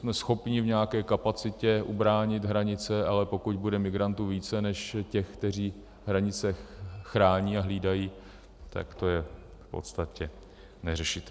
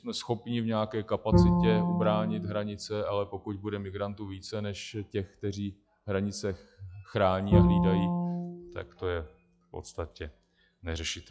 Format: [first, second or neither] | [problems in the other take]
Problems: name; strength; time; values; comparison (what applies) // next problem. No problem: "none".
first | noise reduction (classical method log-MMSE)